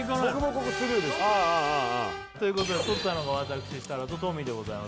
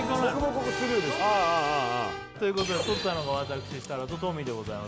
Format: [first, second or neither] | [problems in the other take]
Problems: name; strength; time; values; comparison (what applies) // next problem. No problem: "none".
first | background sound (Acoustic guitar); 14 dB below the speech